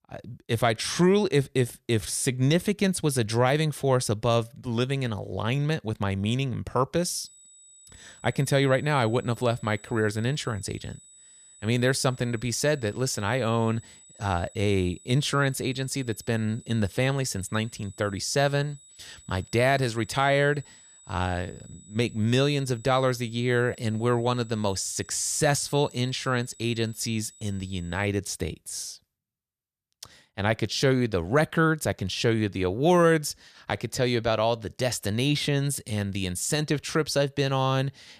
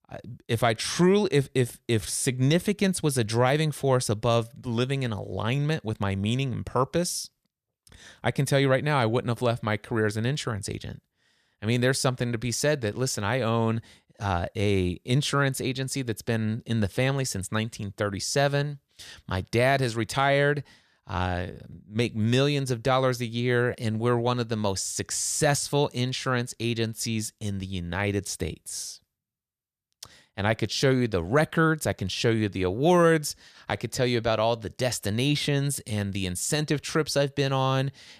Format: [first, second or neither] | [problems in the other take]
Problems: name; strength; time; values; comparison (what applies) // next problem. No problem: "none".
second | high-pitched whine; faint; from 7 to 28 s; 8 kHz, 25 dB below the speech